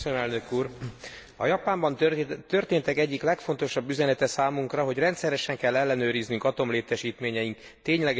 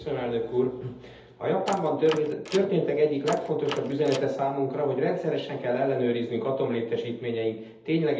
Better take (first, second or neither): first